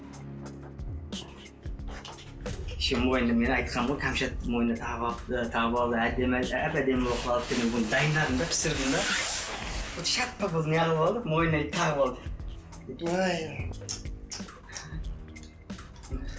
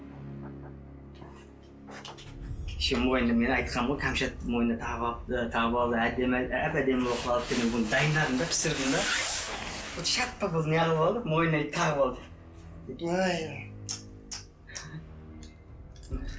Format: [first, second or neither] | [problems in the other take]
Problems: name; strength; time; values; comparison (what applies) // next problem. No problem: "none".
second | background sound (Drum kit); 12 dB below the speech